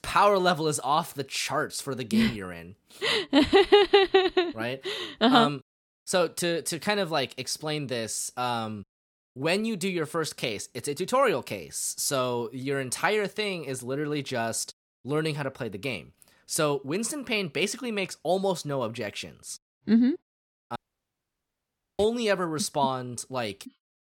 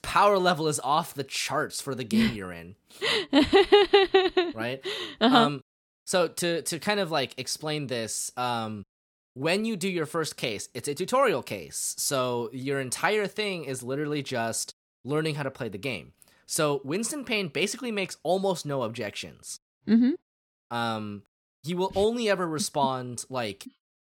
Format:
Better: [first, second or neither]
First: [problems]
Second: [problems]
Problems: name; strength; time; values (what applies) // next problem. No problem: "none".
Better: second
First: audio cutting out; at 21 s for 1 s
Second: none